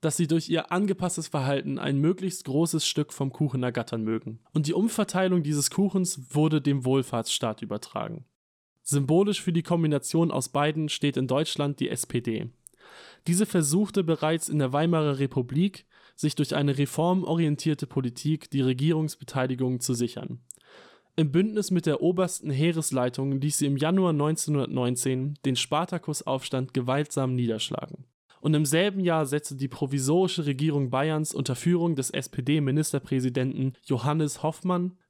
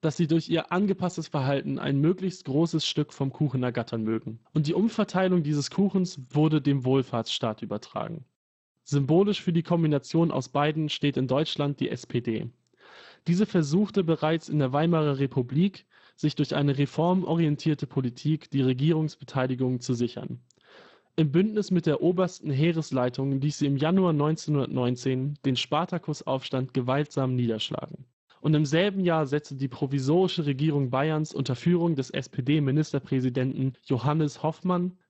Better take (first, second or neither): first